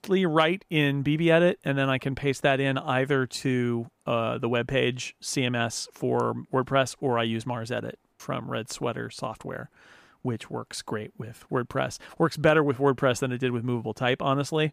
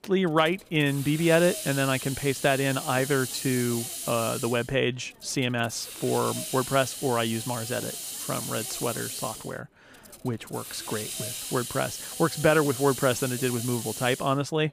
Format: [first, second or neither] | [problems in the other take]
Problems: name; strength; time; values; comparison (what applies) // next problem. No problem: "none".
first | hiss; loud; throughout; 7 dB below the speech